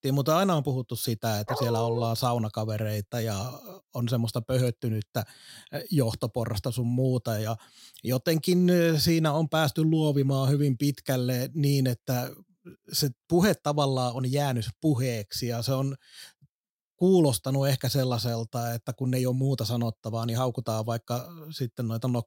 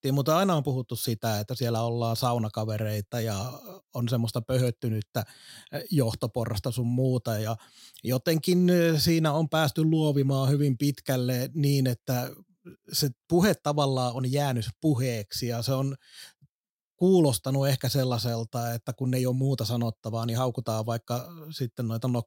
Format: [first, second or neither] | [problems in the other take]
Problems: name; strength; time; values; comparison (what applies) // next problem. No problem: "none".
second | dog barking; noticeable; at 1.5 s; peak 5 dB below the speech